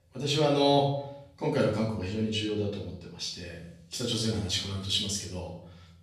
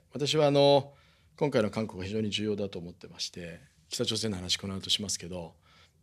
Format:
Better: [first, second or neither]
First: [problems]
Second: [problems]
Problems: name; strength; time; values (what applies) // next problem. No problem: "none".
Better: second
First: room echo; noticeable; dies away in 0.6 s // off-mic speech; far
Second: none